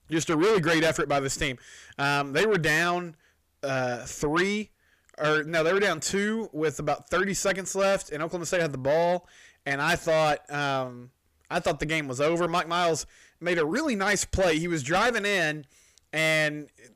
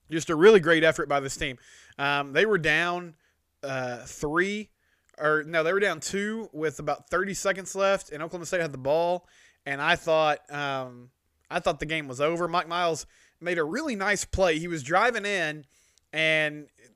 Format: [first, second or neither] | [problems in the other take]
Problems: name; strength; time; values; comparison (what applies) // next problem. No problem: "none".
second | distortion; heavy; 7 dB below the speech